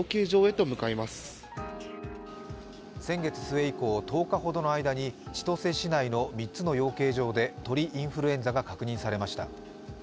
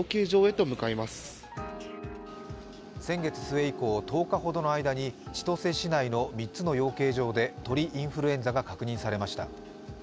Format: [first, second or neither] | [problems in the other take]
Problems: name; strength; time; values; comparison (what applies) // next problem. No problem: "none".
first | background sound (Bowed string instrument); 17 dB below the speech